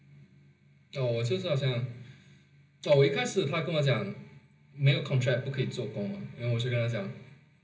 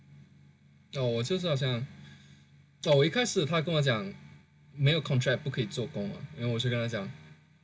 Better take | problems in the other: second | room echo; dies away in 0.5 s

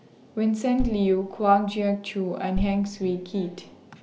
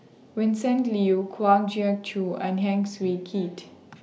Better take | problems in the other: second | background sound (Bass drum); 9 dB below the speech

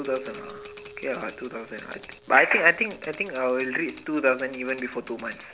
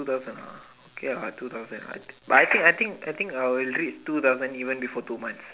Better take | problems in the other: second | background sound (Keyboard (musical) + Typewriter); 19 dB below the speech

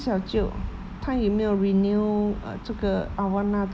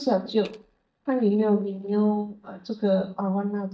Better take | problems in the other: first | noise reduction (neural mask model DeepFilterNet 3)

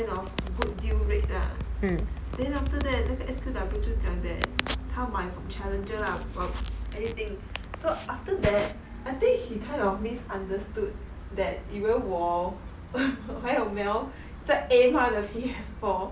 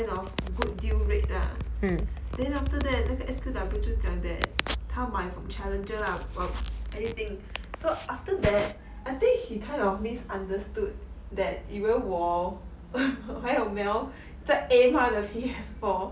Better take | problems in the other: second | background sound (Gull, seagull); 15 dB below the speech

